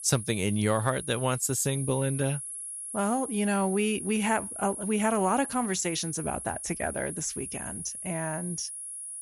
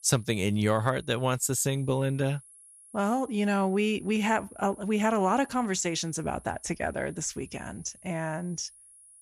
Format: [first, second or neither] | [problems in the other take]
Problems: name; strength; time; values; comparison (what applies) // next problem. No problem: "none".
second | high-pitched whine; loud; throughout; 11 kHz, 7 dB below the speech; faint in the second